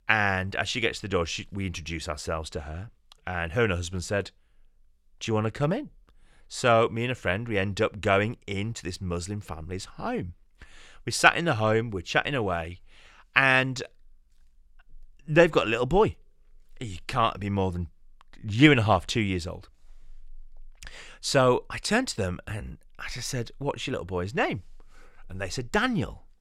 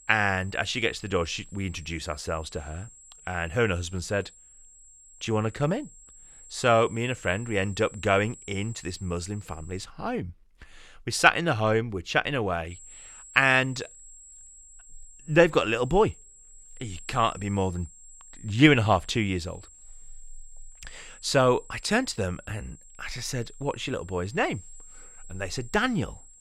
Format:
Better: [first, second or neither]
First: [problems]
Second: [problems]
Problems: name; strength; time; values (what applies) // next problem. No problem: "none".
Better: first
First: none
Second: high-pitched whine; faint; until 10 s and from 13 s on; 7.5 kHz, 20 dB below the speech